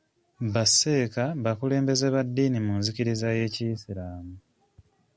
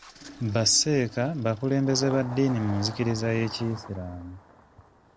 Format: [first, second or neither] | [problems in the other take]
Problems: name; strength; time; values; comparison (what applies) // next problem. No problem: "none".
first | background sound (Engine starting); 16 dB below the speech